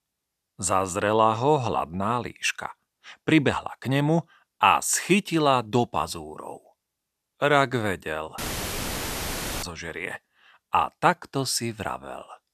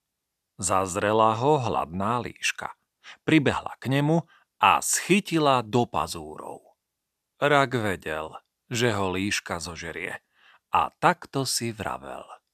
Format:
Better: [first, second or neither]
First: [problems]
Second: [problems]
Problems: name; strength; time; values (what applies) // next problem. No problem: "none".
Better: second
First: audio cutting out; filled with static; at 8.5 s for 1.5 s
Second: none